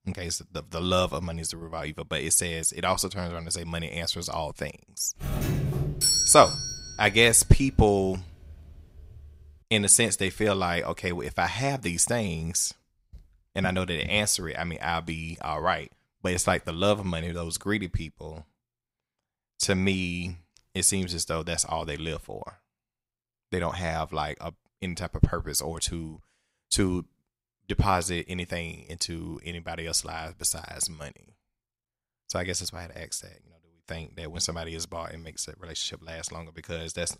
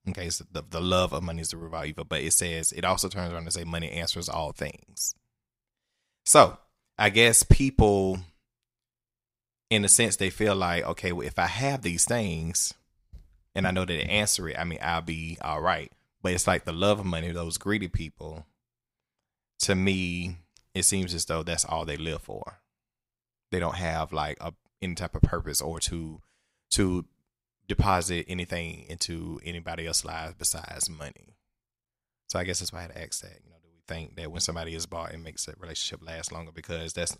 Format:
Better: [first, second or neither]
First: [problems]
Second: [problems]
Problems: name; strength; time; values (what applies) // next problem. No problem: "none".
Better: second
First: doorbell; loud; from 5 to 7.5 s; peak 6 dB above the speech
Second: none